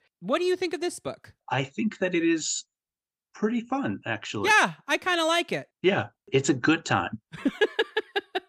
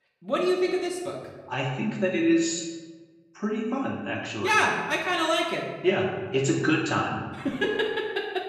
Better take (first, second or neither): first